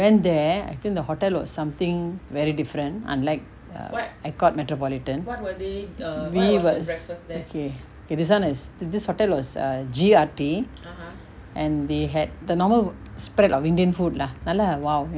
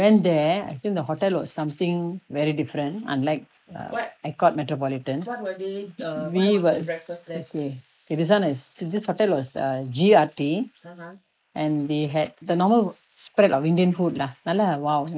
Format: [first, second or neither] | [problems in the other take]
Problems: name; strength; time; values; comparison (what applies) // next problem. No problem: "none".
first | noise reduction (neural mask model Resemble Enhance denoiser)